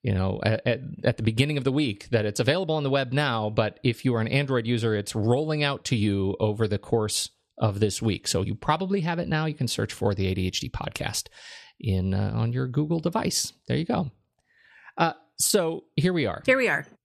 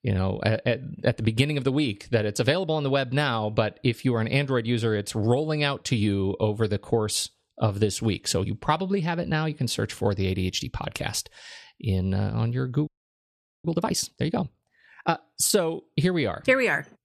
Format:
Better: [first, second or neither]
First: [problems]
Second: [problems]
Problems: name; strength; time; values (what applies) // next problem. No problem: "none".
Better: first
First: none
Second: audio freezing; at 13 s for 1 s